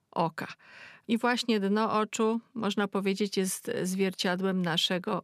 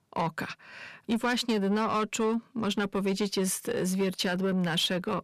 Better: first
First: none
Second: distortion; slight; 10 dB below the speech

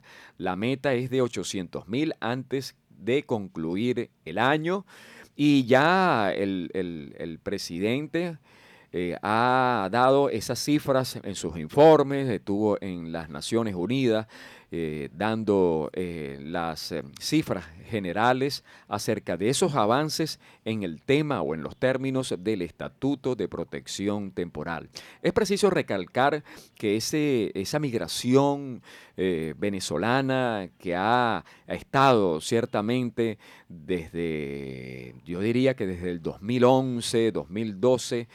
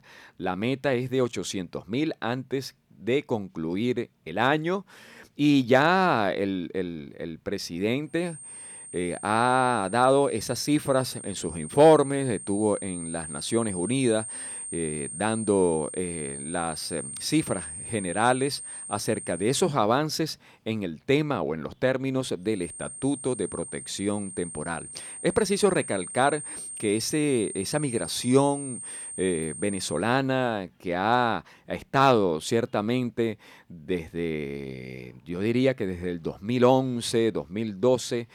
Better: first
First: none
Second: high-pitched whine; loud; from 8 to 20 s and from 23 to 30 s; 8.5 kHz, 10 dB below the speech

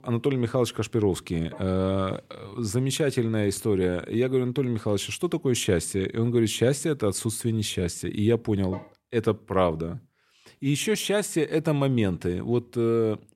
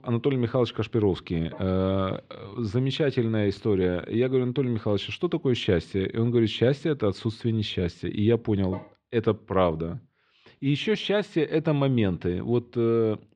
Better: first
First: none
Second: muffled; slightly; fading above 4 kHz

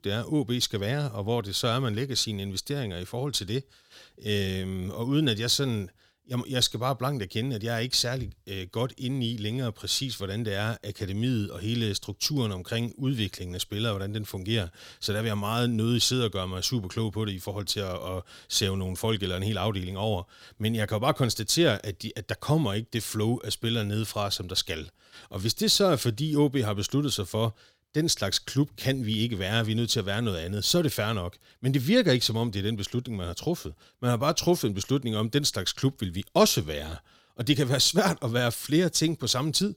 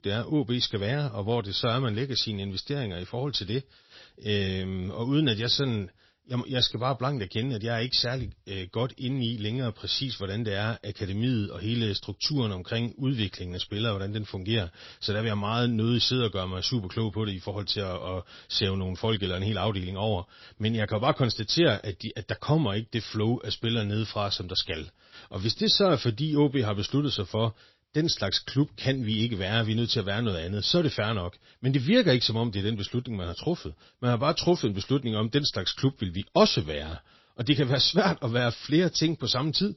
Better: first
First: none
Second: garbled, watery; slightly; nothing above 5.5 kHz

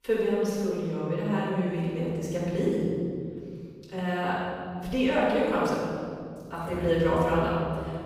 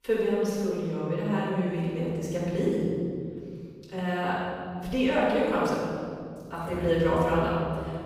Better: neither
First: off-mic speech; far // room echo; strong; dies away in 2.5 s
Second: off-mic speech; far // room echo; strong; dies away in 2.5 s

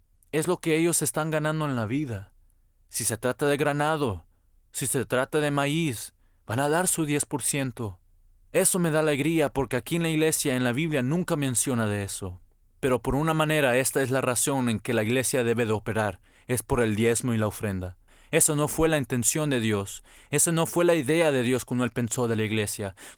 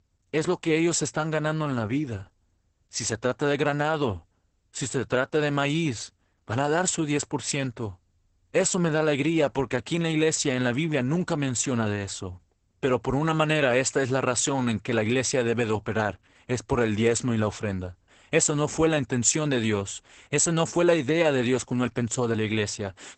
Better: first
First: garbled, watery; slightly; nothing above 19 kHz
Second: garbled, watery; badly; nothing above 8 kHz

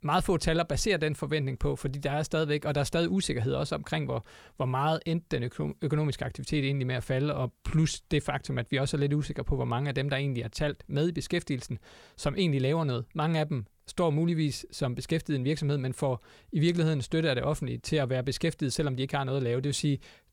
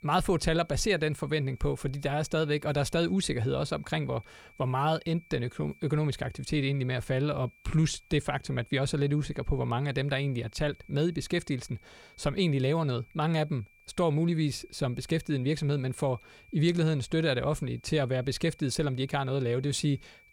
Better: first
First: none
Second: high-pitched whine; faint; throughout; 2.5 kHz, 30 dB below the speech

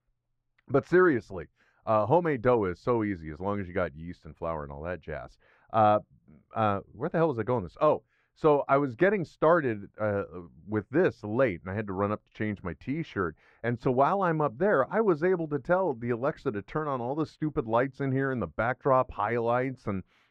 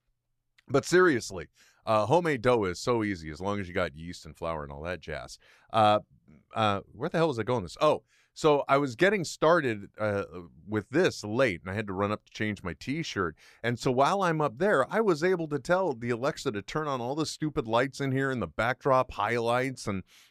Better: second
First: muffled; very; fading above 3.5 kHz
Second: none

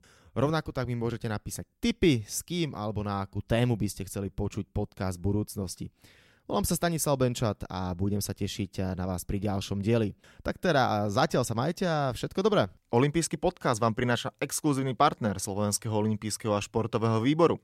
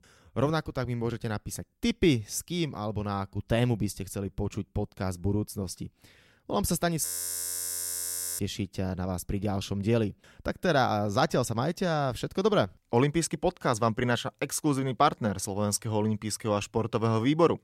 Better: first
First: none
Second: audio freezing; at 7 s for 1.5 s

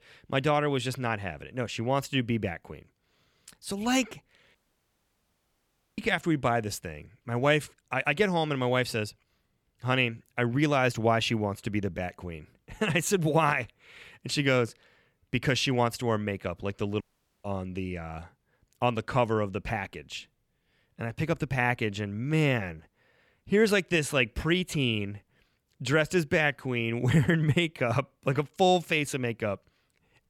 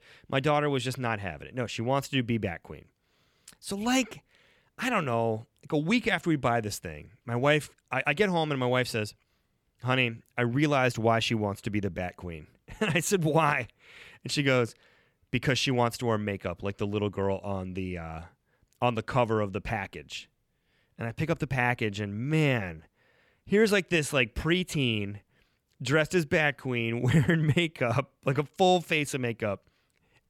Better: second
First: audio cutting out; at 4.5 s for 1.5 s and at 17 s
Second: none

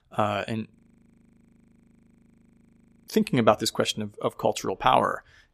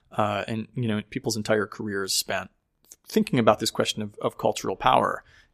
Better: second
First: audio freezing; at 1 s for 2.5 s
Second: none

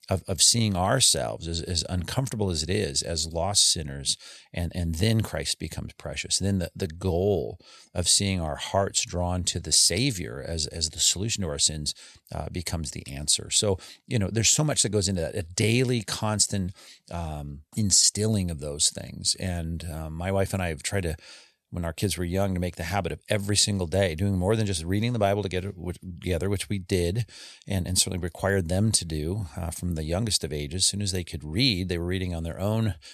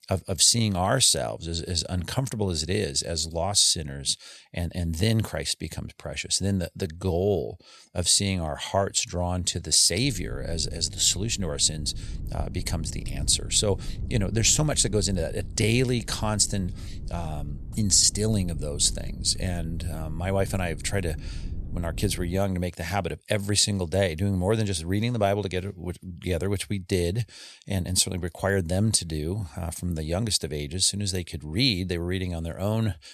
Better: first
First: none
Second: wind noise on the microphone; occasional gusts; from 10 to 22 s; 25 dB below the speech

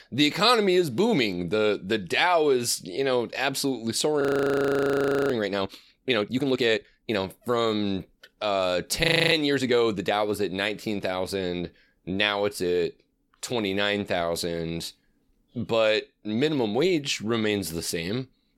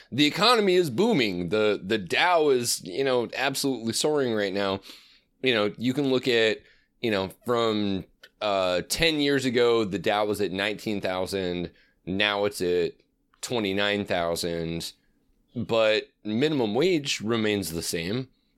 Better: second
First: audio freezing; at 4 s for 1 s and at 9 s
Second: none

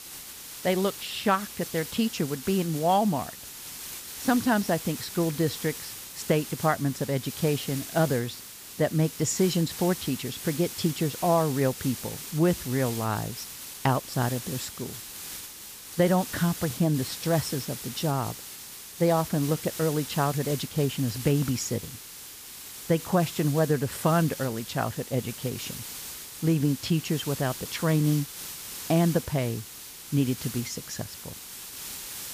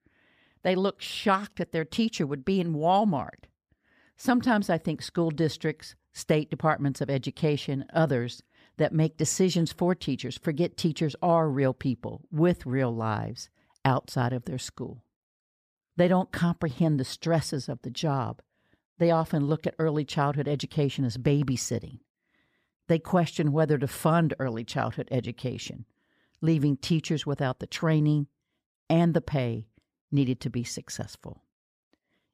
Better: second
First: hiss; loud; throughout; 10 dB below the speech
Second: none

